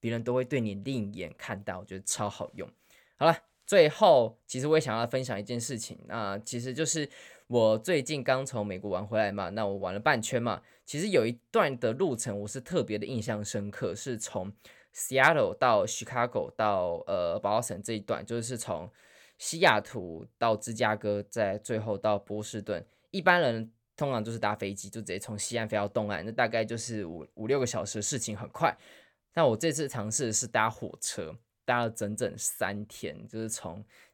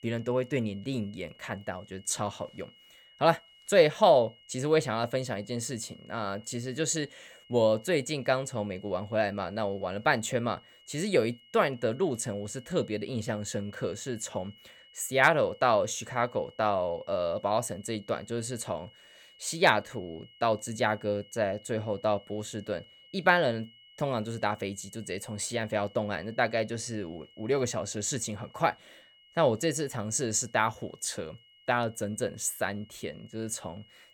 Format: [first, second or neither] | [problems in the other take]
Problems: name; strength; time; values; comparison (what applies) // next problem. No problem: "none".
first | high-pitched whine; faint; throughout; 3 kHz, 25 dB below the speech